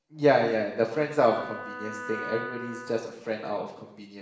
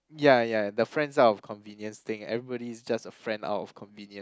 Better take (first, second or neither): second